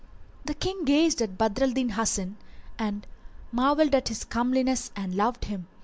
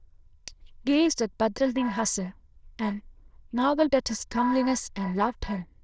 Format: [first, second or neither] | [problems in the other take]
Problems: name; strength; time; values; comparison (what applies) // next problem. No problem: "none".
first | noise reduction (neural diffusion model UNIVERSE++)